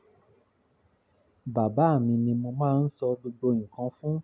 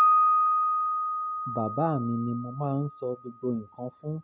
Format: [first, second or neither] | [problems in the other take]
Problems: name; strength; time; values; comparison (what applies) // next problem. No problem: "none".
first | background sound (Piano); 5 dB above the speech